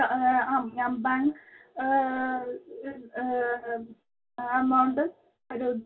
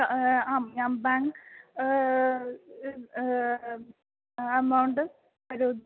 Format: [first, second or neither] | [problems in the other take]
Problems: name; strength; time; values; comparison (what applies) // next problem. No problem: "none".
second | room echo; dies away in 0.1 s